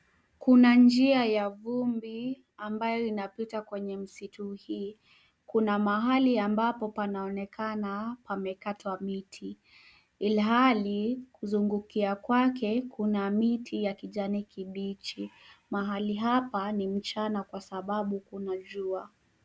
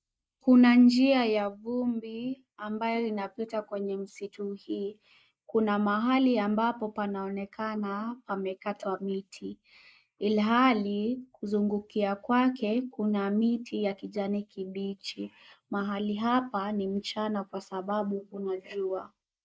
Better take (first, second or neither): first